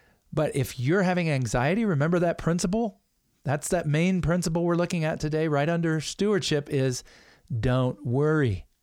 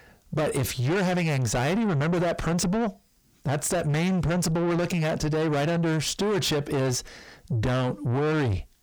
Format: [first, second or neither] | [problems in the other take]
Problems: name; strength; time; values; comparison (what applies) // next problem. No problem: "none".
first | distortion; heavy; 7 dB below the speech